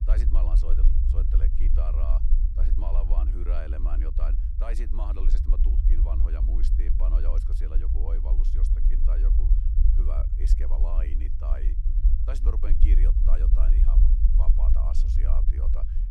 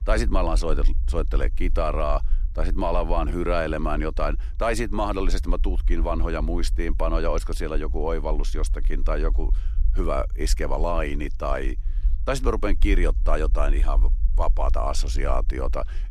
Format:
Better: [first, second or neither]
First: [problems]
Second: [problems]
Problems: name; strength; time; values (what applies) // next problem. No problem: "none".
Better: second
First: low rumble; loud; throughout; 3 dB below the speech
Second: low rumble; faint; throughout; 25 dB below the speech